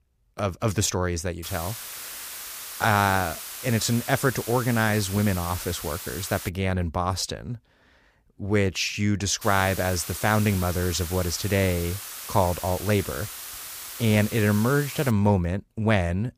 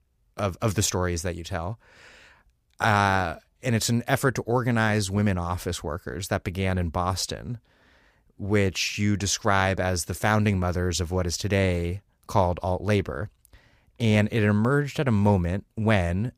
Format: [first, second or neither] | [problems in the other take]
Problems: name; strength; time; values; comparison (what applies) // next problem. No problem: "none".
second | hiss; loud; from 1.5 to 6.5 s and from 9.5 to 15 s; 10 dB below the speech